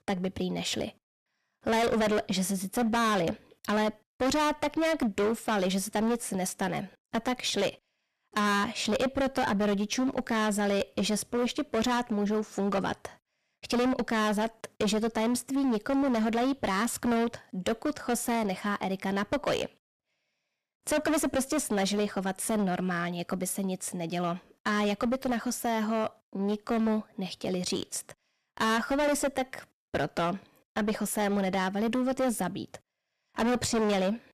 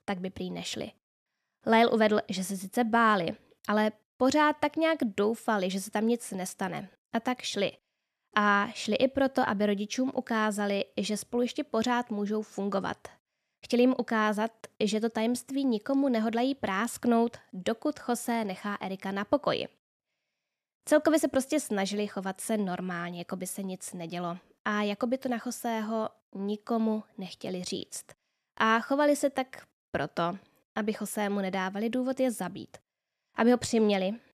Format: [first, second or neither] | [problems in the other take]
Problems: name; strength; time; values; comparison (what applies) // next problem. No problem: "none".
second | distortion; heavy; 16% of the sound clipped